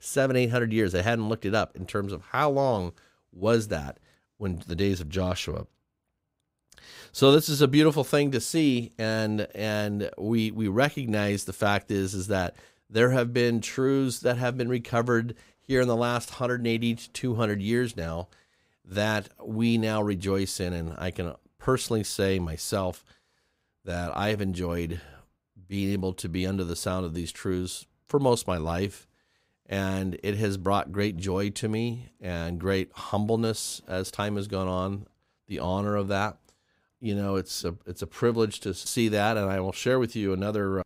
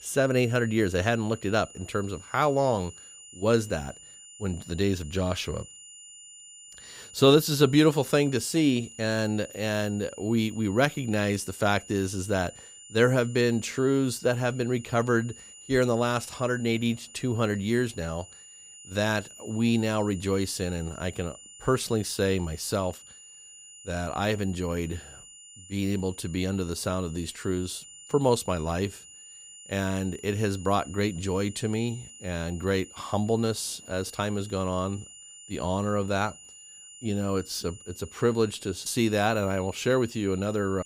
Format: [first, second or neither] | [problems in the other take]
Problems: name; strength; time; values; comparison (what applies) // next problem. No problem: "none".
first | high-pitched whine; noticeable; throughout; 7 kHz, 20 dB below the speech